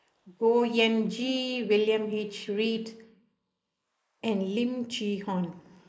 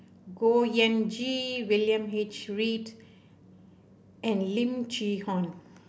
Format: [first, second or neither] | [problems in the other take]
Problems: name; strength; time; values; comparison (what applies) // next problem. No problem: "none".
second | noise reduction (neural mask model Resemble Enhance denoiser)